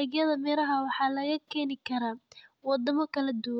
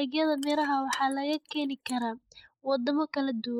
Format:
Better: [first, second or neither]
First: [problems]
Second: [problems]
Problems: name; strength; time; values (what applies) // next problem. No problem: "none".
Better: first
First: none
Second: noise reduction (neural mask model Resemble Enhance denoiser)